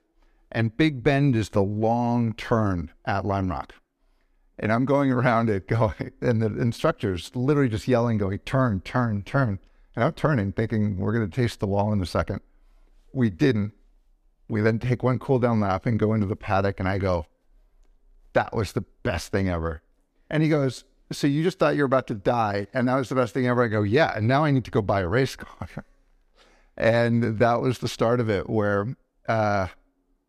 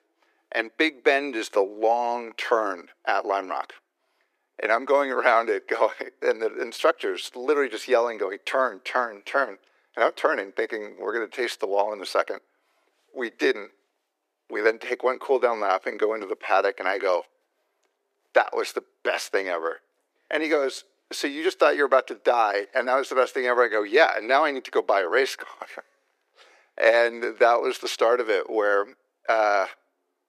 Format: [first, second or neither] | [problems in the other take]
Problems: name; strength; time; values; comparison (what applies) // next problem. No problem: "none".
first | thin; very; fading below 350 Hz